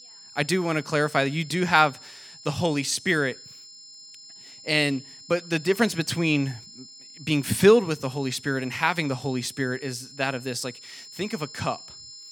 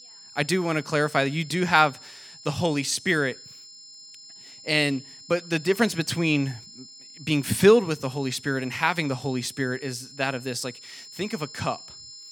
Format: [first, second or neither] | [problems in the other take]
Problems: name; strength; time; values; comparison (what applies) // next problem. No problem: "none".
neither | high-pitched whine; noticeable; throughout; 5 kHz, 20 dB below the speech; the same in both